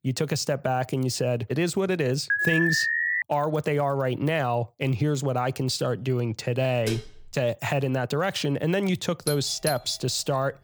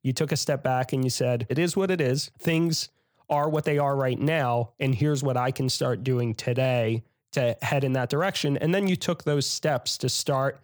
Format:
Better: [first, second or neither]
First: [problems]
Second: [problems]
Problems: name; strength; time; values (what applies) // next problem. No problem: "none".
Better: second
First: alarm; loud; at 2.5 s; peak 3 dB above the speech // clattering dishes; noticeable; at 7 s; peak 9 dB below the speech // doorbell; noticeable; at 9.5 s; peak 7 dB below the speech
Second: none